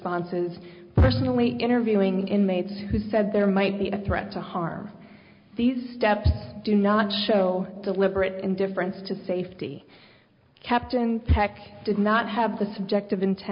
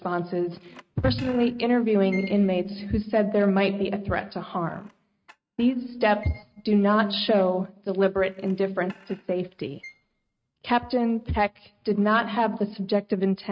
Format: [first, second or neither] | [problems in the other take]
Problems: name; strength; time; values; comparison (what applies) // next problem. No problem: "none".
first | noise reduction (neural mask model RNNoise)